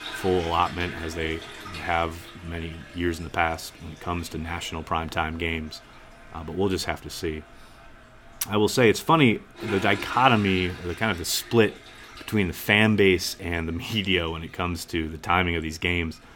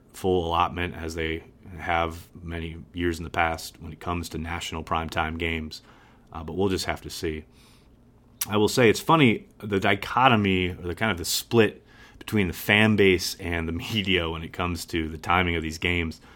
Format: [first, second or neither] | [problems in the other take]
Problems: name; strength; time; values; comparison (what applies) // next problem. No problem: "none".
second | household noises; noticeable; throughout; 15 dB below the speech